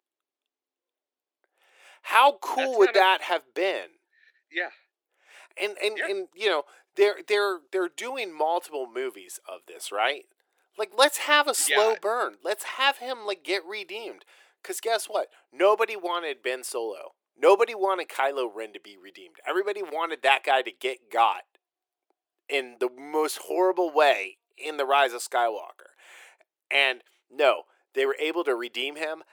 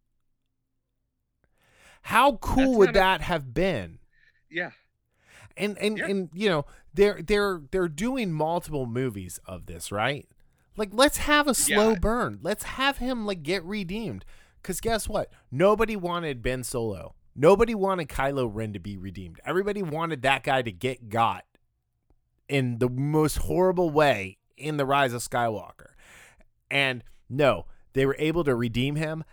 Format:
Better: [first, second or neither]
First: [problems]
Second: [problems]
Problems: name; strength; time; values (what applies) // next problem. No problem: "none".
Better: second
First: thin; very; fading below 350 Hz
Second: none